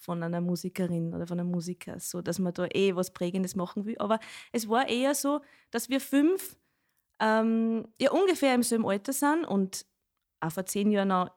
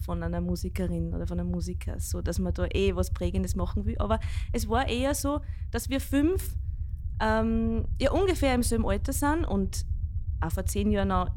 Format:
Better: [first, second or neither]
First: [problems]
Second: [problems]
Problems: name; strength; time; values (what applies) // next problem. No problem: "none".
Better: first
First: none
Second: low rumble; faint; throughout; 20 dB below the speech